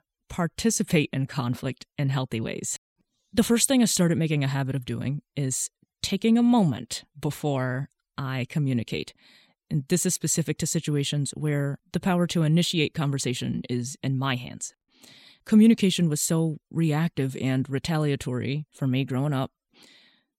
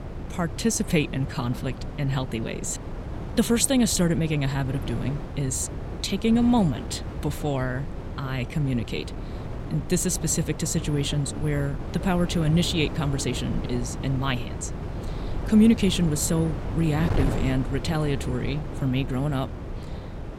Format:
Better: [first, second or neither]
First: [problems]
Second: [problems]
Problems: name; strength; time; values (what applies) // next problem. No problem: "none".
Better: first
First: none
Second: wind noise on the microphone; heavy; 10 dB below the speech